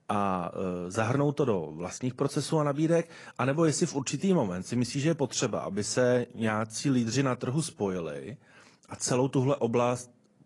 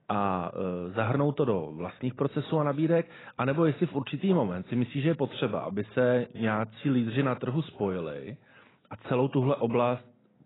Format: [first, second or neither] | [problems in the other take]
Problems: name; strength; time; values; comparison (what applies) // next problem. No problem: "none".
first | garbled, watery; badly; nothing above 4 kHz; slightly in the first